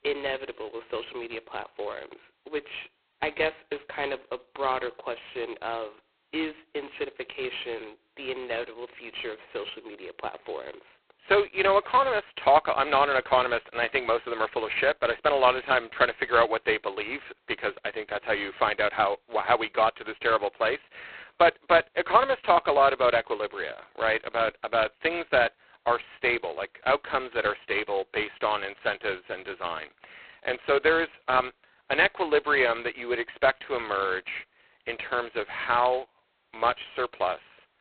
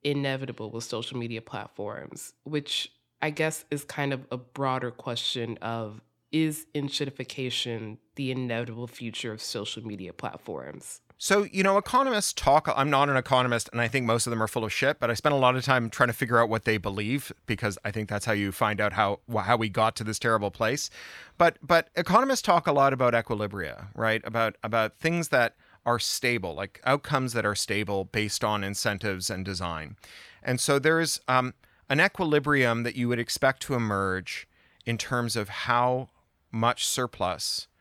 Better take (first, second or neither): second